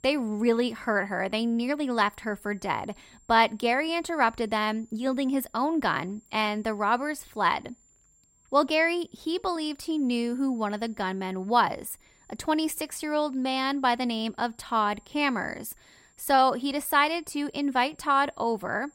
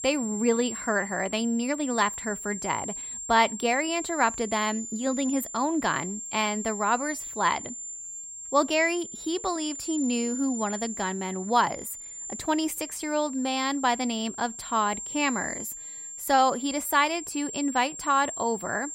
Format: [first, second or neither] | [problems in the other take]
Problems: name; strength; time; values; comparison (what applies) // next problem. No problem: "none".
first | high-pitched whine; loud; throughout; 7.5 kHz, 8 dB below the speech; faint in the first